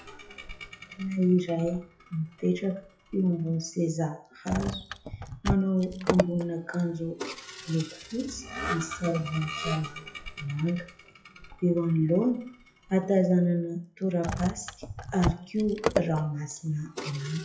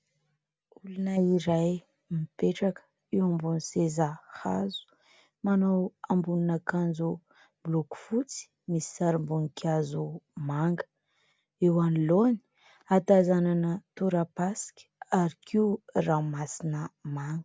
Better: second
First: noise reduction (classical method WPE with log-MMSE)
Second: none

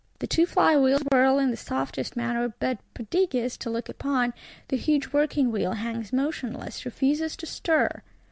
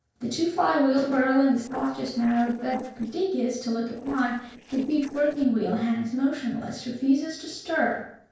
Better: first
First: none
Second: noise reduction (neural separator model SepFormer DNS4)

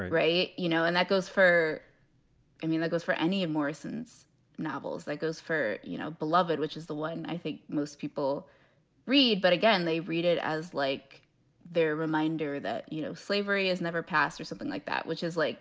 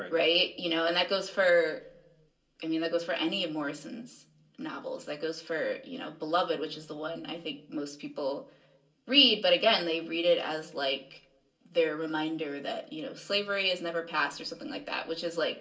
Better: first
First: none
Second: room echo; dies away in 0.2 s

